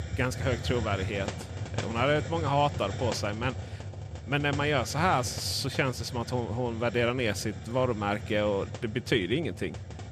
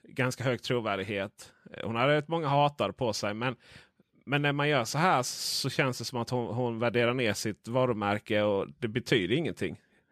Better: second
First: hiss; loud; throughout; 8 dB below the speech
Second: none

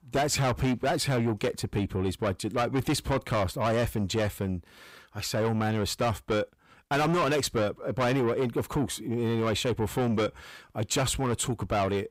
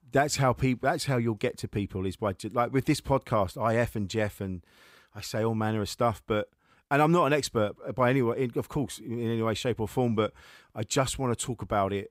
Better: second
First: distortion; heavy; 7 dB below the speech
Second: none

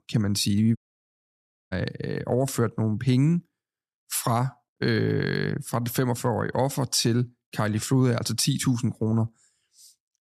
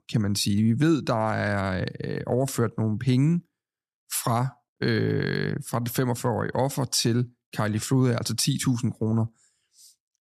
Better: second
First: audio cutting out; at 1 s for 1 s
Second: none

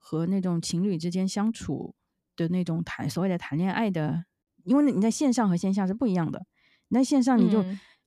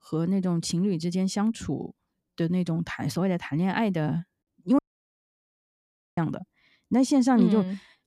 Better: first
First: none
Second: audio cutting out; at 5 s for 1.5 s

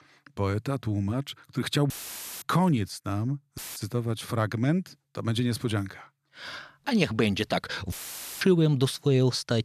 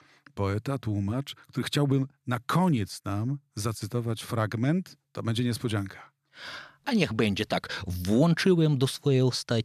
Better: second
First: audio cutting out; filled with static; at 2 s for 0.5 s, at 3.5 s and at 8 s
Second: none

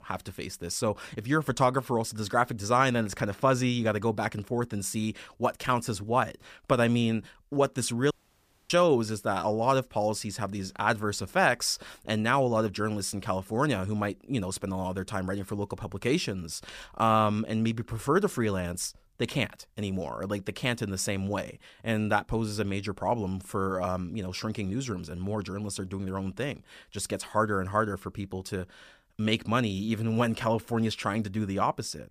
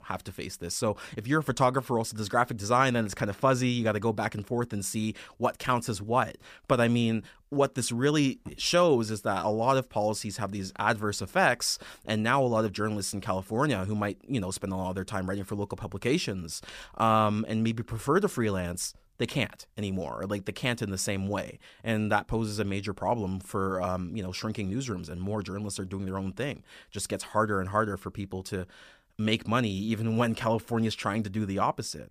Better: second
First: audio cutting out; at 8 s for 0.5 s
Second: none

